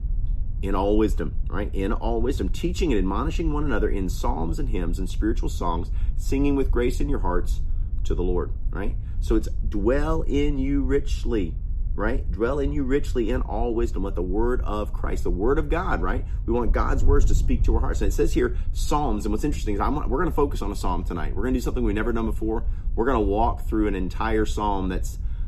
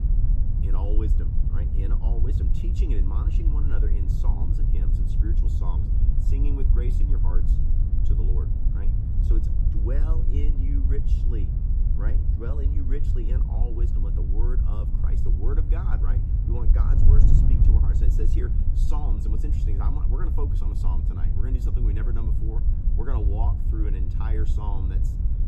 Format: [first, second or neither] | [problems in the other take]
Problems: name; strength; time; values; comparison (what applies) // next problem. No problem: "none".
first | wind noise on the microphone; heavy; as loud as the speech; occasional gusts in the first